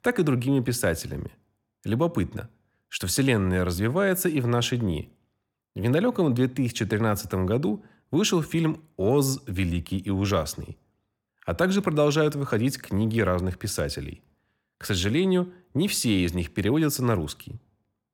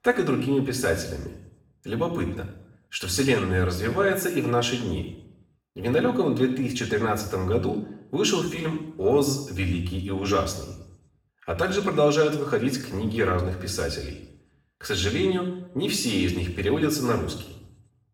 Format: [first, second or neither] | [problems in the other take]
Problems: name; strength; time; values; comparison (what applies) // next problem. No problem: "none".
first | room echo; noticeable; dies away in 0.7 s // off-mic speech; far